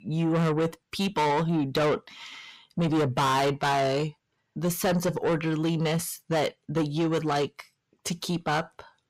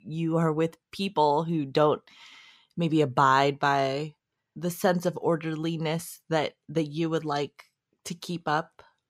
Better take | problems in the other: second | distortion; heavy; 6 dB below the speech

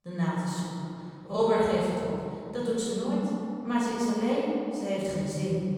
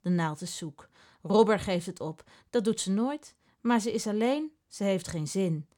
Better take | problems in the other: second | off-mic speech; far // room echo; strong; dies away in 2.2 s

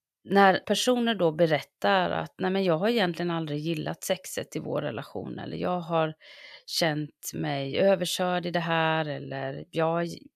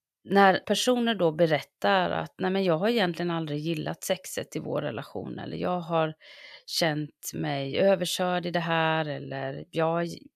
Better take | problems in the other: neither | none

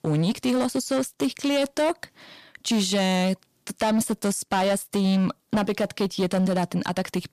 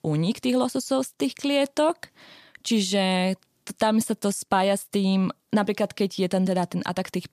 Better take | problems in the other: second | distortion; slight; 13% of the sound clipped

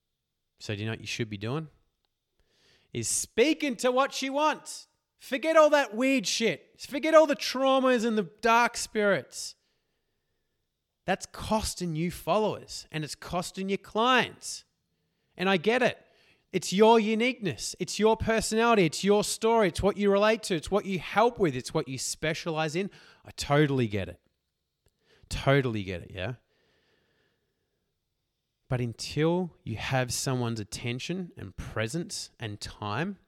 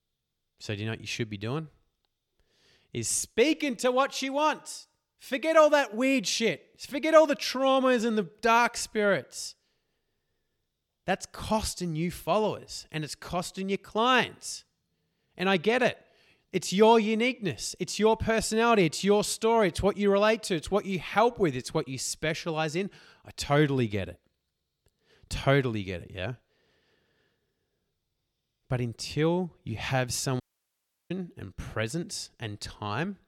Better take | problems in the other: first | audio cutting out; at 30 s for 0.5 s

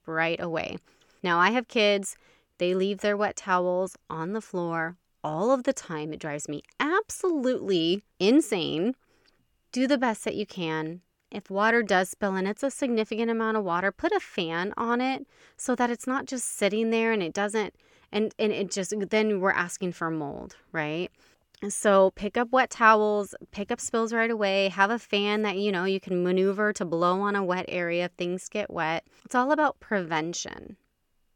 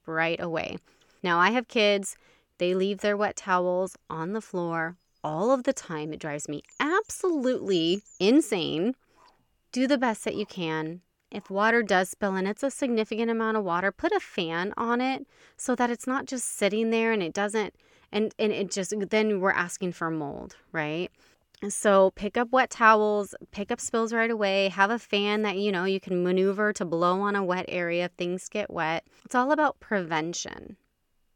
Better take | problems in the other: first | animal sounds; faint; until 12 s; 30 dB below the speech

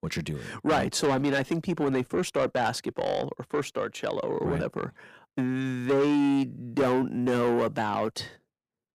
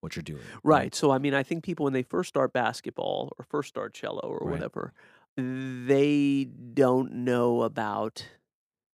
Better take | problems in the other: second | distortion; heavy; 7 dB below the speech

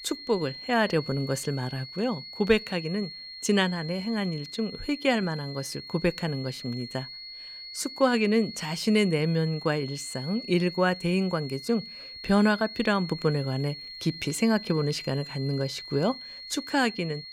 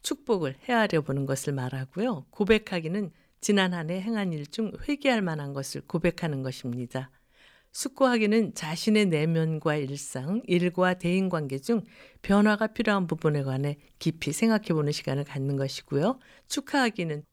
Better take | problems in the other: second | high-pitched whine; noticeable; throughout; 4.5 kHz, 10 dB below the speech

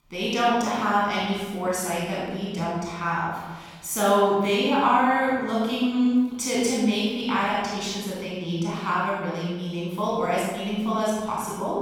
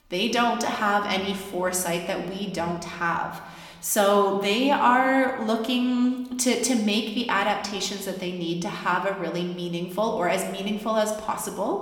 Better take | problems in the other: second | room echo; strong; dies away in 1.5 s; slight in the second // off-mic speech; far

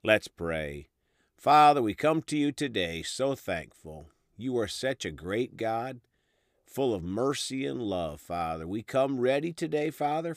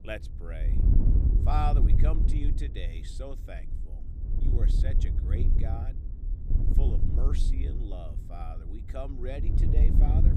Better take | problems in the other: first | wind noise on the microphone; heavy; 3 dB below the speech

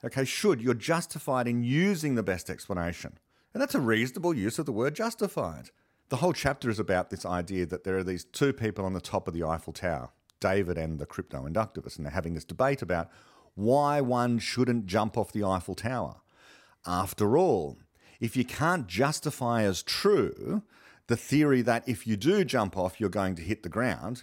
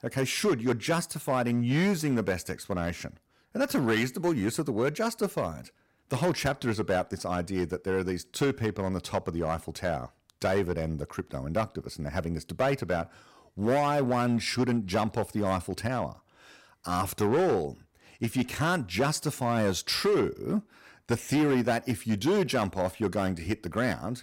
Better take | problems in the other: first | distortion; slight; 6% of the sound clipped

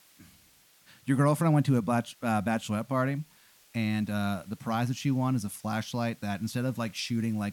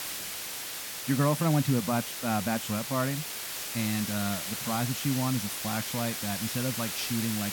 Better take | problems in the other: first | hiss; loud; throughout; 3 dB below the speech; faint in the first

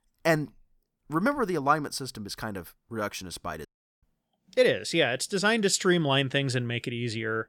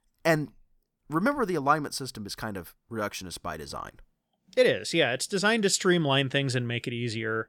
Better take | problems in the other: second | audio cutting out; at 3.5 s

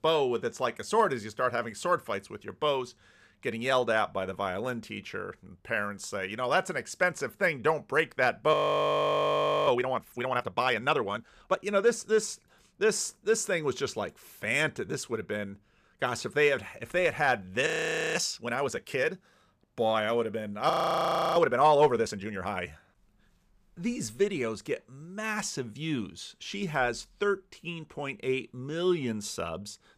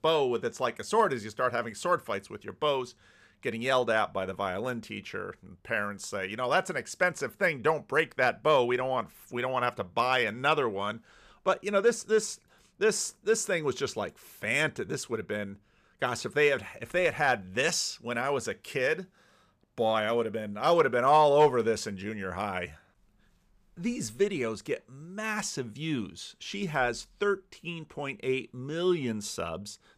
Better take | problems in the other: second | audio freezing; at 8.5 s for 1 s, at 18 s and at 21 s for 0.5 s

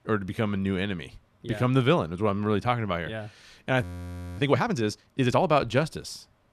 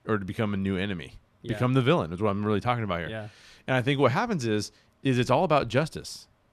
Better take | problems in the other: second | audio freezing; at 4 s for 0.5 s

